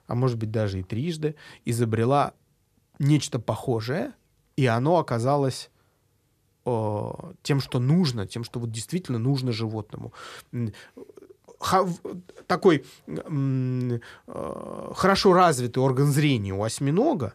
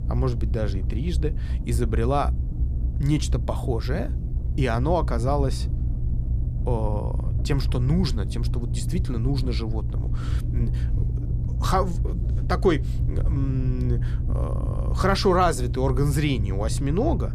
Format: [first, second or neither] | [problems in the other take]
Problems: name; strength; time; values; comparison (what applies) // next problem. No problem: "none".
first | low rumble; noticeable; throughout; 15 dB below the speech